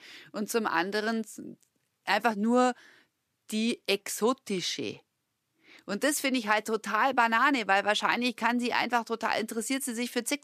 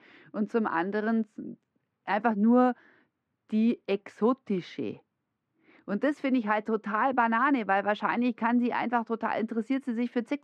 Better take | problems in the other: first | muffled; very; fading above 1.5 kHz

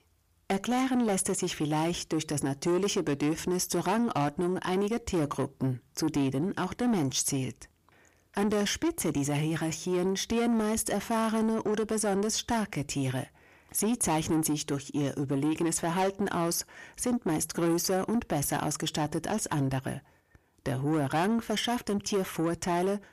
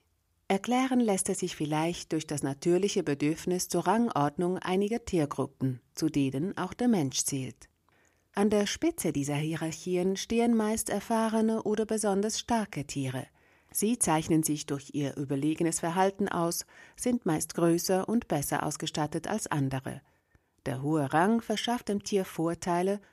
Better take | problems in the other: second | distortion; slight; 10 dB below the speech

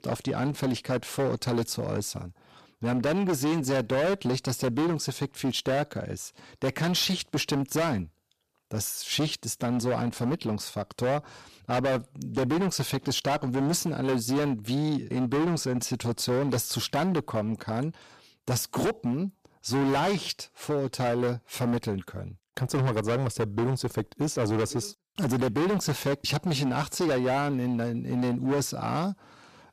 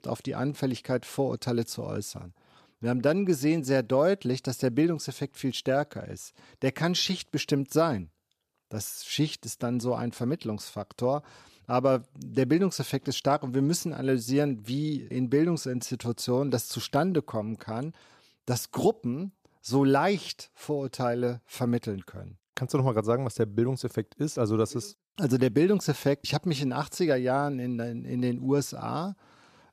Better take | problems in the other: second | distortion; heavy; 18% of the sound clipped

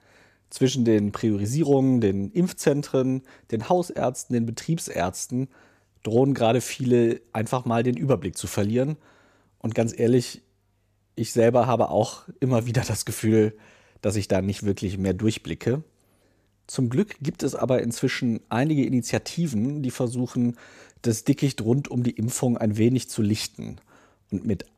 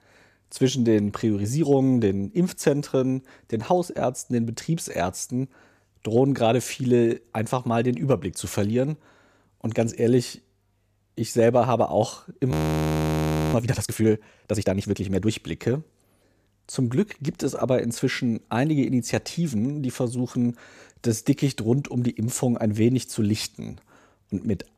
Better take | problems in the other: first | audio freezing; at 13 s for 1 s

